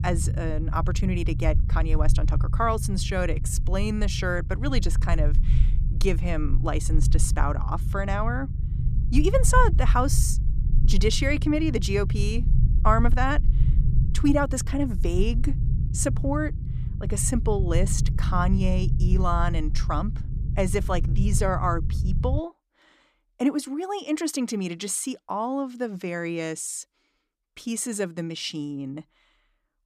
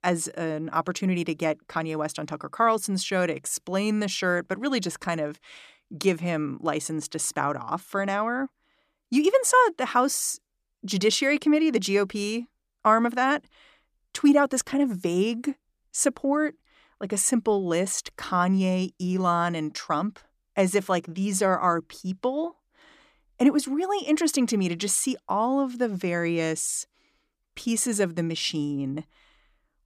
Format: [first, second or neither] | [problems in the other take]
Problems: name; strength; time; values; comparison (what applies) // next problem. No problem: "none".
second | low rumble; noticeable; until 22 s; 15 dB below the speech